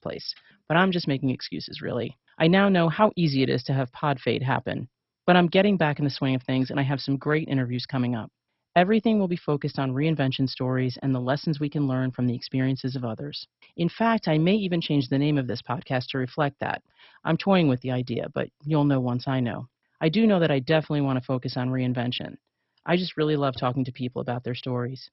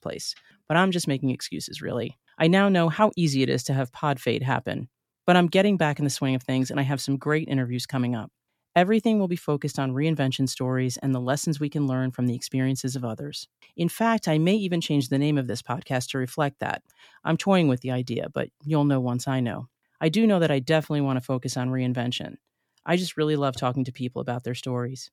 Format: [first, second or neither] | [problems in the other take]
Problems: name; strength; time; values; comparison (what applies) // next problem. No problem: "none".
second | garbled, watery; badly; nothing above 5.5 kHz